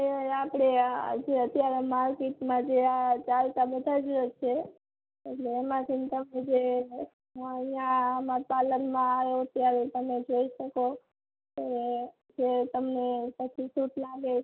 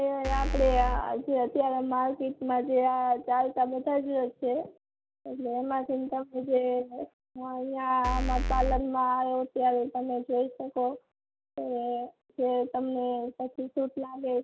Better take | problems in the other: first | background sound (Bass drum / Keyboard (musical)); as loud as the speech

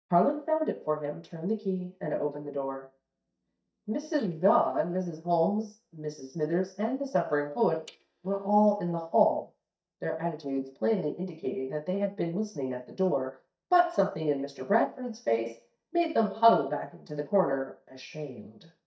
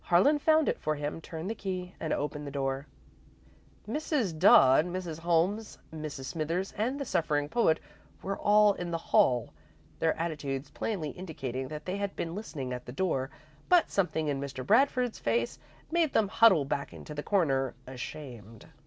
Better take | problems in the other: second | noise reduction (neural mask model DeepFilterNet 3)

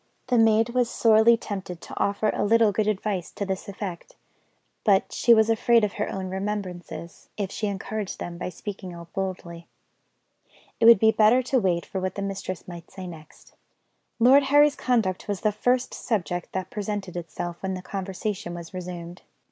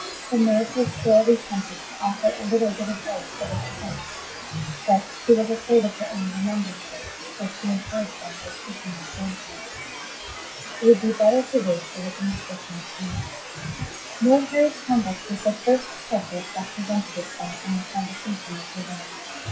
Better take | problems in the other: first | noise reduction (classical method WPE with log-MMSE)

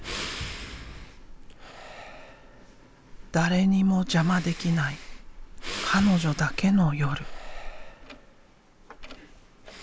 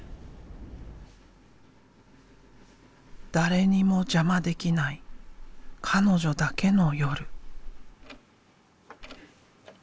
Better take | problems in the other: second | background sound (Breathing); 14 dB below the speech

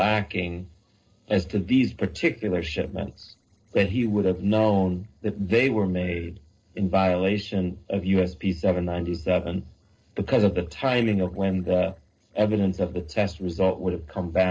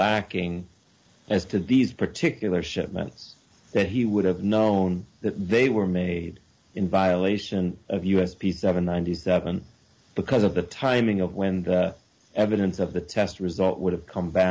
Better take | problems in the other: second | noise reduction (neural separator model SepFormer DNS4)

